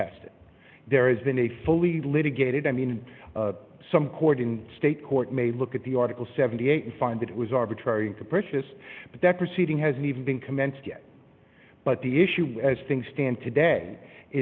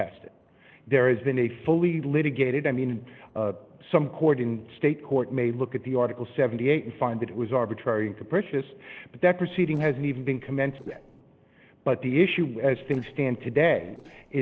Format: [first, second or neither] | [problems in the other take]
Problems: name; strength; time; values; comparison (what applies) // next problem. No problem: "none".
first | noise reduction (neural separator model SepFormer DNS4)